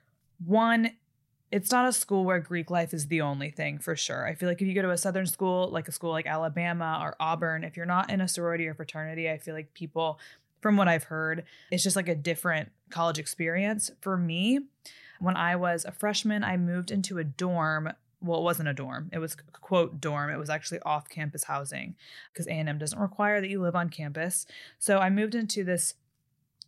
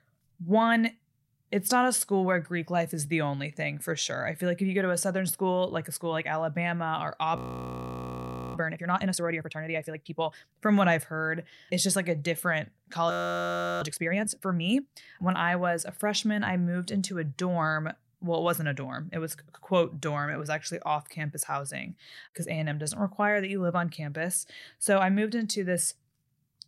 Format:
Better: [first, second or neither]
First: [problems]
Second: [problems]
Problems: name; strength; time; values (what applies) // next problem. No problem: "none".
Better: first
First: none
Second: audio freezing; at 7.5 s for 1 s and at 13 s for 0.5 s